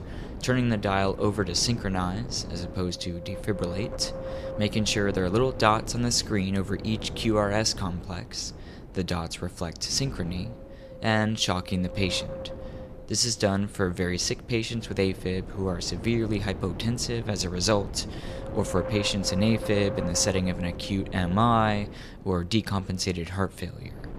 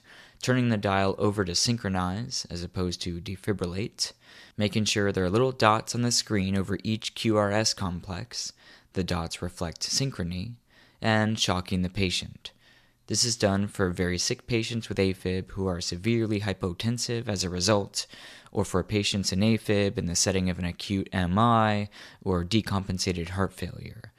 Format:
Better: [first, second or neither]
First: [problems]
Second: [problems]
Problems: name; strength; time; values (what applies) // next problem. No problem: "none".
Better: second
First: wind noise on the microphone; occasional gusts; 10 dB below the speech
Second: none